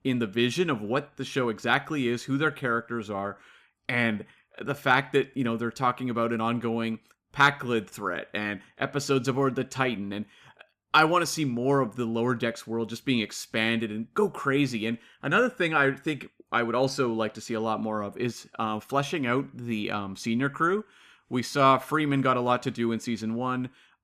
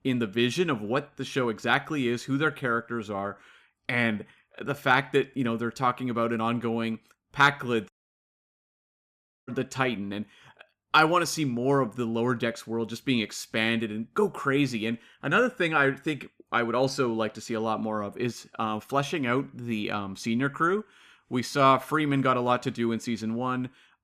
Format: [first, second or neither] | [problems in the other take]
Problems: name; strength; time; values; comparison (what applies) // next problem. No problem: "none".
first | audio cutting out; at 8 s for 1.5 s